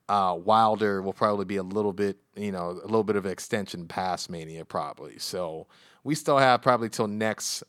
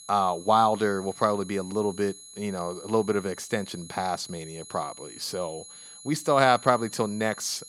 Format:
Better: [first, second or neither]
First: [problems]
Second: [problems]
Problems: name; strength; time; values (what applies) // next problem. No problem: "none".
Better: first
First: none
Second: high-pitched whine; noticeable; throughout; 11 kHz, 15 dB below the speech